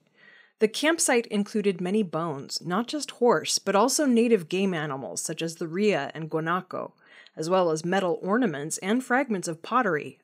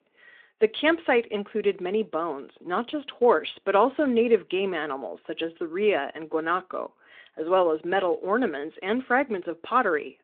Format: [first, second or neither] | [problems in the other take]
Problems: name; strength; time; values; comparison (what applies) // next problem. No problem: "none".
first | phone-call audio